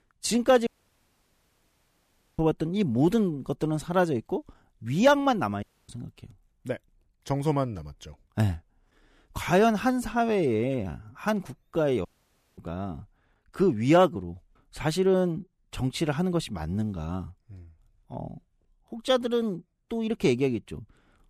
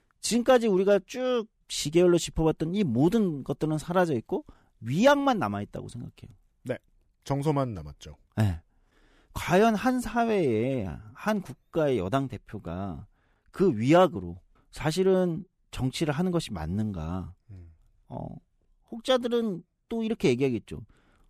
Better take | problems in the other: second | audio cutting out; at 0.5 s for 1.5 s, at 5.5 s and at 12 s for 0.5 s

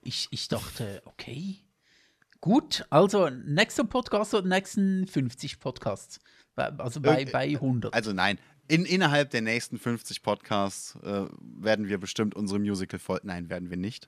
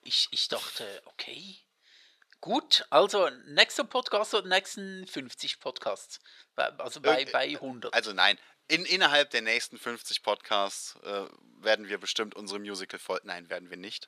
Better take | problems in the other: first | thin; very; fading below 500 Hz

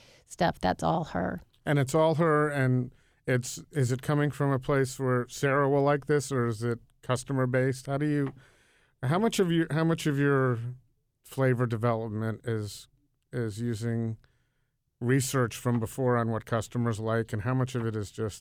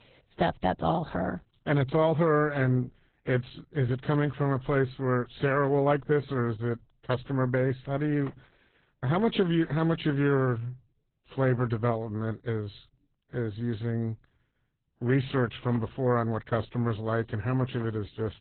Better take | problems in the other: first | garbled, watery; badly; nothing above 4 kHz

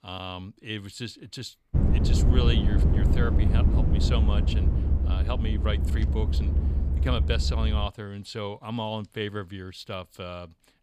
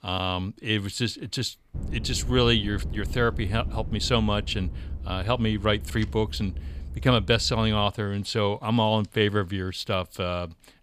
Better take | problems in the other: second | low rumble; loud; from 2 to 8 s; 3 dB below the speech; faint in the second

